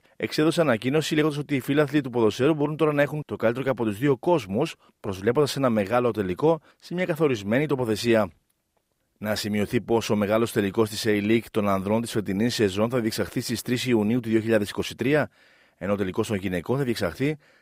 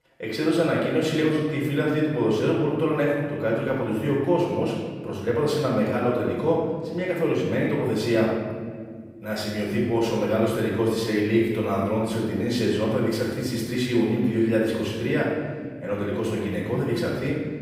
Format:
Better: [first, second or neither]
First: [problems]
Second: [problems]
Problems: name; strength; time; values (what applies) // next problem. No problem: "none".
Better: first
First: none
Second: room echo; noticeable; dies away in 1.7 s // off-mic speech; far